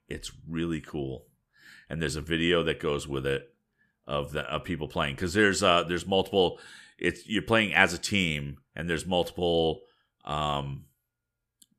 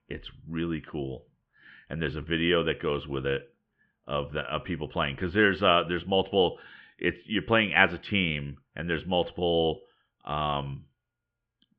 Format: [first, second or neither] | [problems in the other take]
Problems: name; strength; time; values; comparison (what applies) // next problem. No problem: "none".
first | muffled; very slightly; fading above 3 kHz